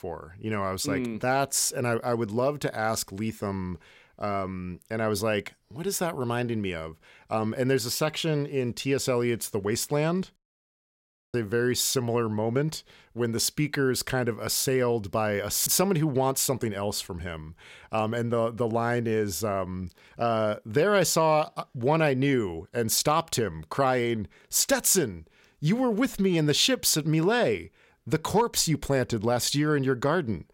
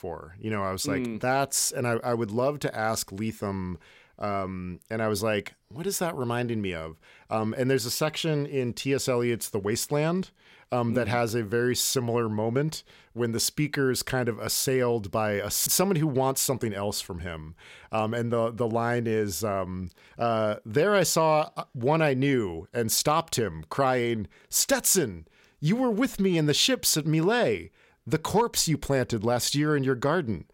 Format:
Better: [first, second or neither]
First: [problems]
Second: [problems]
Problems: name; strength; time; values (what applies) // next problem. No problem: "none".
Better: second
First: audio cutting out; at 10 s for 1 s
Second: none